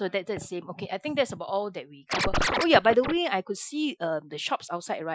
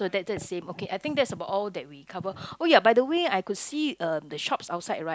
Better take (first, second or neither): second